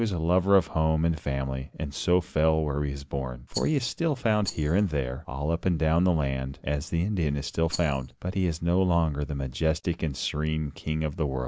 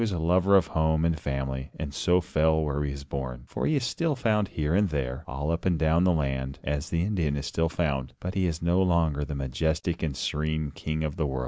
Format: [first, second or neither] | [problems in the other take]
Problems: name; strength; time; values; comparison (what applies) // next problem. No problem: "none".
second | background sound (Rattle); 15 dB below the speech